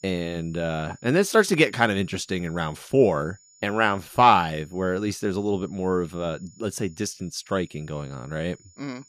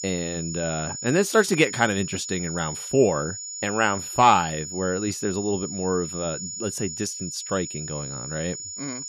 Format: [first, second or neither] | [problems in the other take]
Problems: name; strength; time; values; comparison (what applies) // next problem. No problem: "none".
first | high-pitched whine; loud; throughout; 7 kHz, 7 dB below the speech; faint in the first